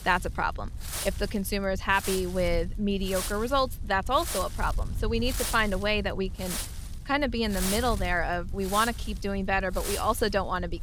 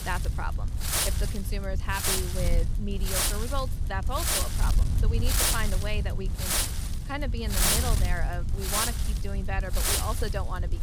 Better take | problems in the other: first | wind noise on the microphone; heavy; 5 dB above the speech; occasional gusts in the first

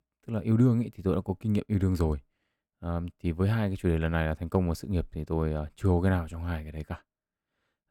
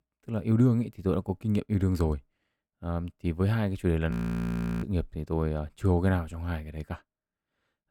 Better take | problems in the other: first | audio freezing; at 4 s for 0.5 s

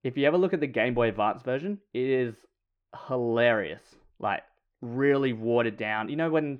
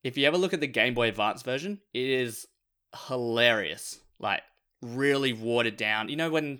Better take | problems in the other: second | muffled; very; fading above 3.5 kHz

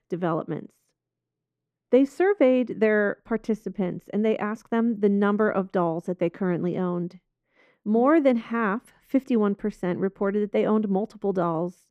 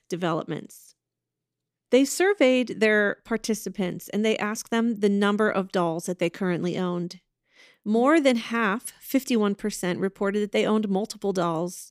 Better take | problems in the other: second | muffled; very; fading above 2.5 kHz

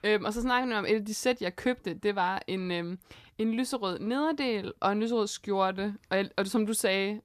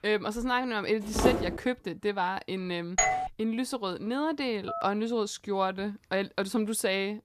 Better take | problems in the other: first | footsteps; loud; at 1 s; peak 3 dB above the speech // doorbell; loud; at 3 s; peak 5 dB above the speech // phone ringing; noticeable; at 4.5 s; peak 8 dB below the speech

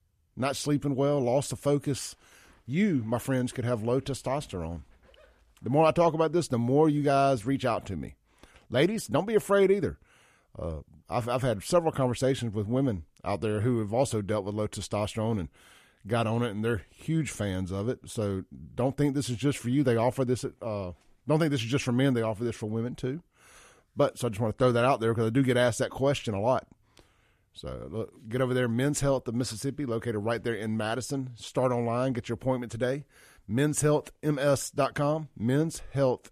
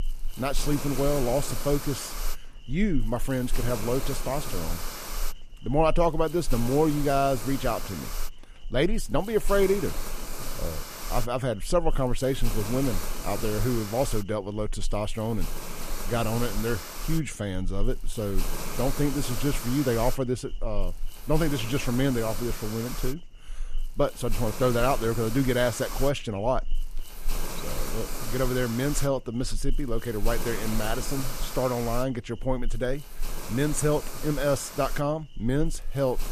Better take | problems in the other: first | hiss; loud; throughout; 8 dB below the speech

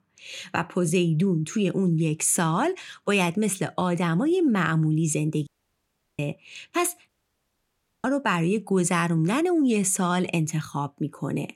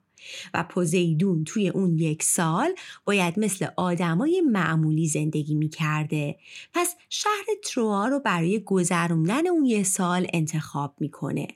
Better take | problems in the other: second | audio cutting out; at 5.5 s for 0.5 s and at 7 s for 1 s

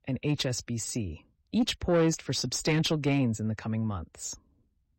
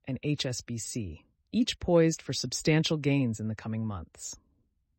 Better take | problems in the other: second | distortion; slight; 10 dB below the speech

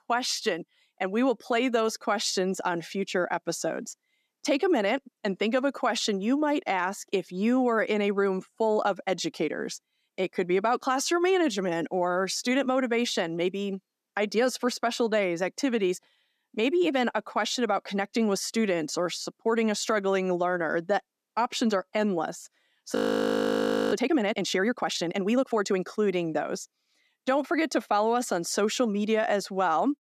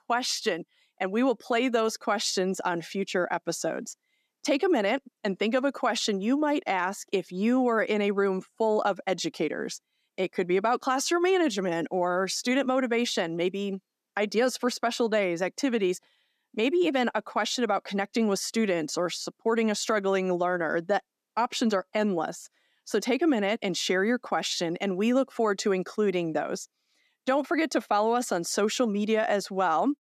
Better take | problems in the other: second | audio freezing; at 23 s for 1 s

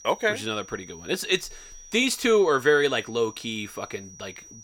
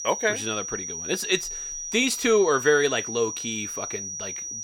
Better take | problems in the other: first | high-pitched whine; loud; throughout; 6 kHz, 7 dB below the speech; faint in the first

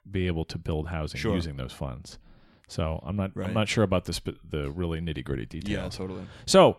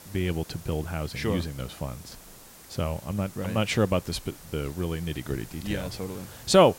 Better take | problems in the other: first | hiss; noticeable; throughout; 15 dB below the speech

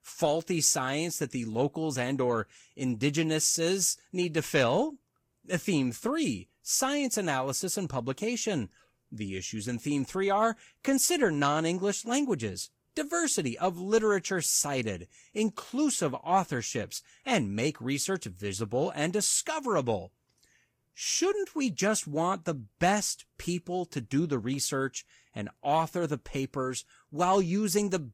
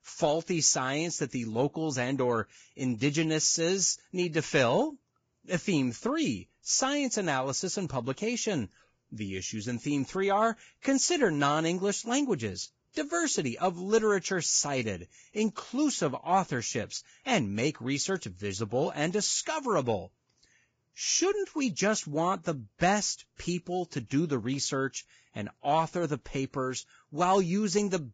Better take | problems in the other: first | garbled, watery; badly; nothing above 7.5 kHz; slightly in the first

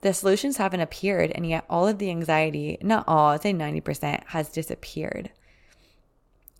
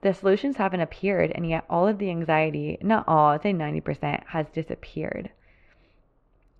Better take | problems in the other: first | muffled; very; fading above 3 kHz

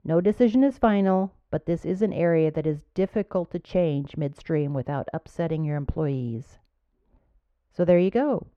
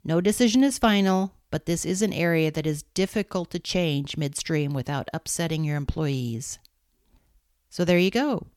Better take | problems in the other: second | muffled; very; fading above 3.5 kHz

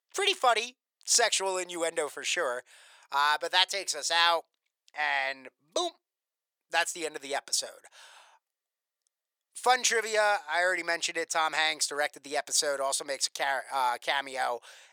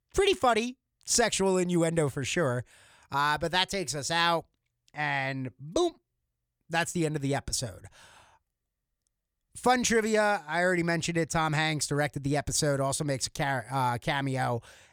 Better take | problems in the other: second | thin; very; fading below 550 Hz

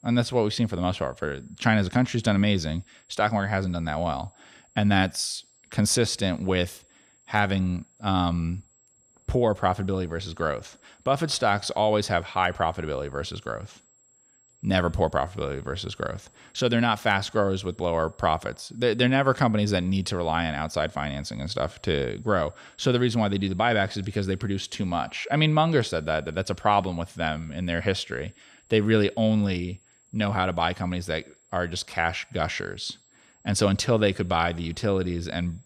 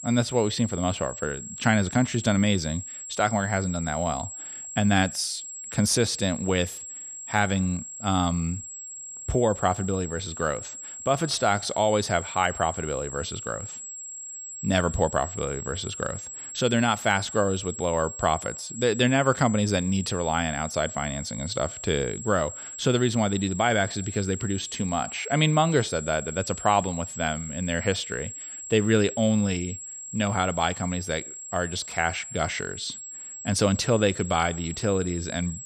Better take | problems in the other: first | high-pitched whine; loud; throughout; 7.5 kHz, 10 dB below the speech; faint in the first

